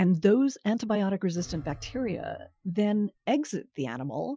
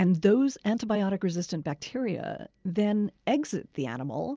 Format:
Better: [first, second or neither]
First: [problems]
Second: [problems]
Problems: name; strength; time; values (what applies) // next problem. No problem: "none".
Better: second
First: noise reduction (classical method Wiener filter)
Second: none